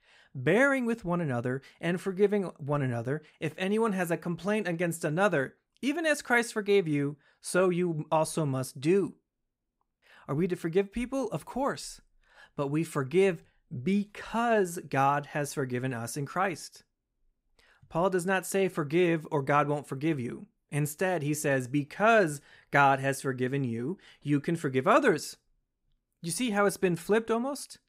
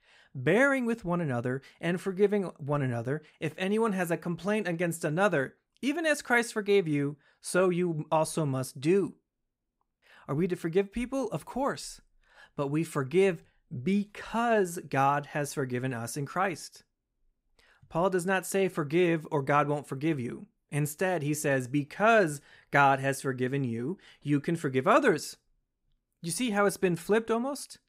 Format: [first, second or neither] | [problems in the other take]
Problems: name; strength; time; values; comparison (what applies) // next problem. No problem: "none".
neither | none